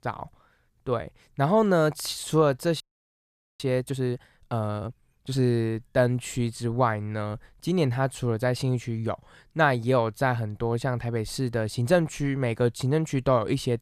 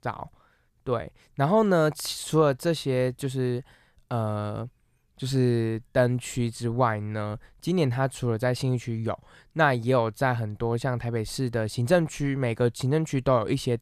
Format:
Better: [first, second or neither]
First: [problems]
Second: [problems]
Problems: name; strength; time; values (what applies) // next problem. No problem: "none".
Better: second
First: audio freezing; at 3 s for 1 s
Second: none